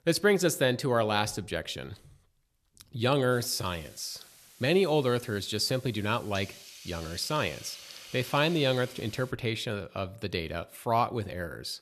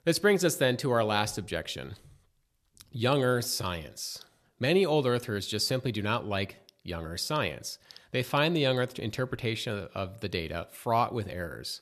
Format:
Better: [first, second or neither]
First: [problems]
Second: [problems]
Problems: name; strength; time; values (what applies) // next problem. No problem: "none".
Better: second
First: hiss; noticeable; from 3.5 to 9.5 s; 20 dB below the speech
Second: none